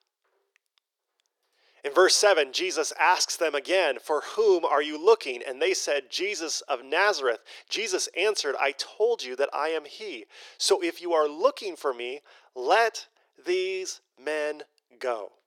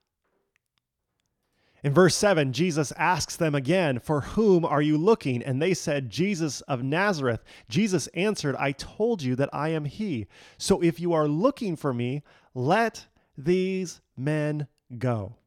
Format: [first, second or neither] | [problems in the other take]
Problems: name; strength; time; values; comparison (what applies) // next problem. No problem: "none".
second | thin; very; fading below 400 Hz